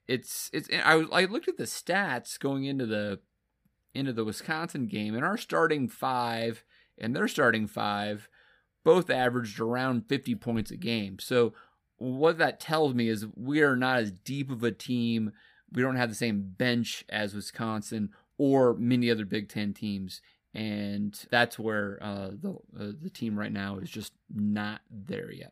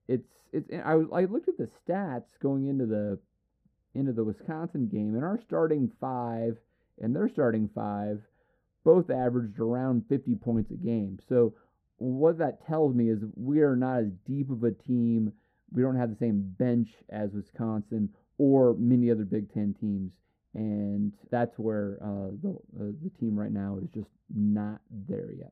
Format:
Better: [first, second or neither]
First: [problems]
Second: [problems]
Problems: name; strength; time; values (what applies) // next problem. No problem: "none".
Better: first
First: none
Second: muffled; very; fading above 1.5 kHz